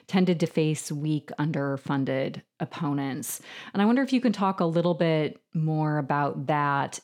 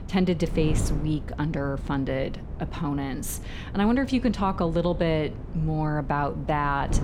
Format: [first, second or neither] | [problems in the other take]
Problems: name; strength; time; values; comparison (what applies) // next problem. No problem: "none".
first | wind noise on the microphone; occasional gusts; 15 dB below the speech